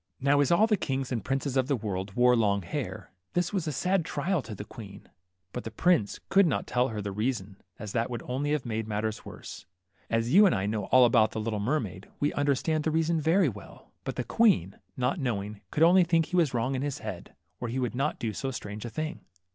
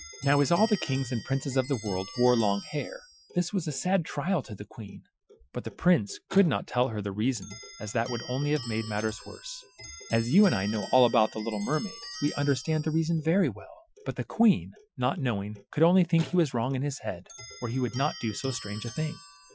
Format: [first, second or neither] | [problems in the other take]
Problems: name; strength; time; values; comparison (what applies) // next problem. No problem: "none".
first | noise reduction (classical method Wiener filter)